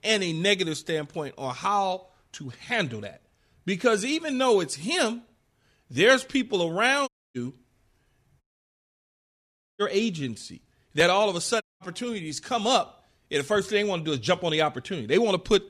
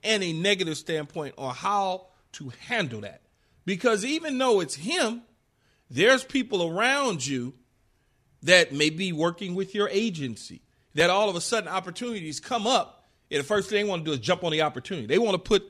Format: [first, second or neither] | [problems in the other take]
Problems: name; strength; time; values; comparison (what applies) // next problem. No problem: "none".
second | audio cutting out; at 7 s, at 8.5 s for 1.5 s and at 12 s